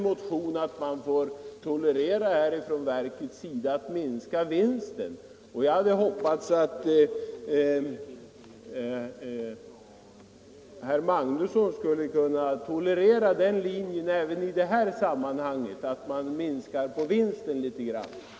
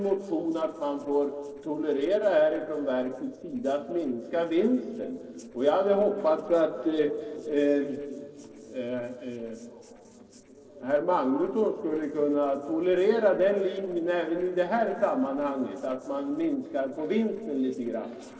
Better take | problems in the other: first | noise reduction (neural separator model SepFormer DNS4)

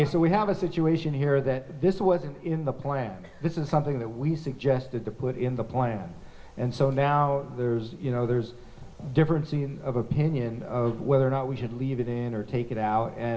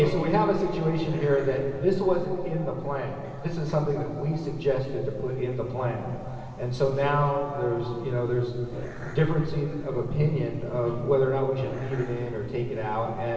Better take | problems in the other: first | background sound (Growling); 15 dB below the speech // room echo; dies away in 2.5 s

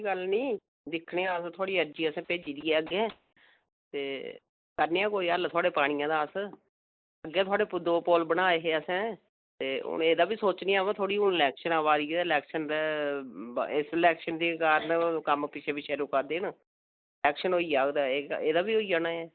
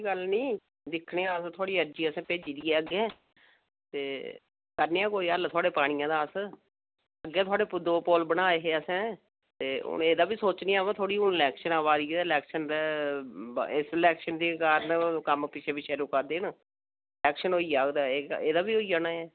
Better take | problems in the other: second | noise reduction (neural mask model Resemble Enhance denoiser)

